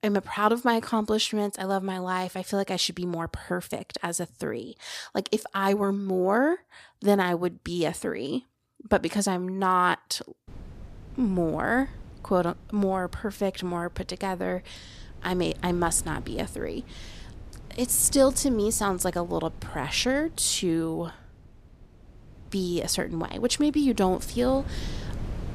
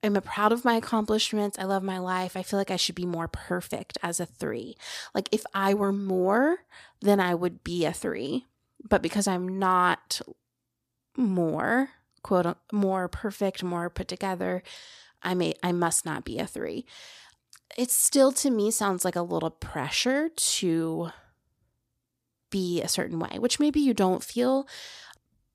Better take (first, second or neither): second